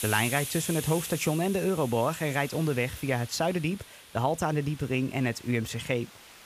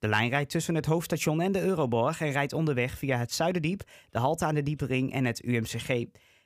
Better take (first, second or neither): second